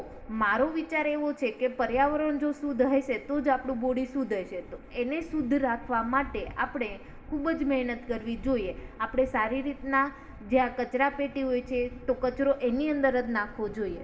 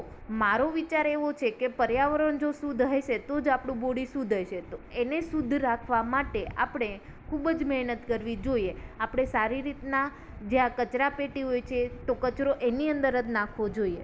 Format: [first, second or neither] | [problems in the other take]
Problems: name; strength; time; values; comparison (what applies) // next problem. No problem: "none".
second | room echo; dies away in 2.8 s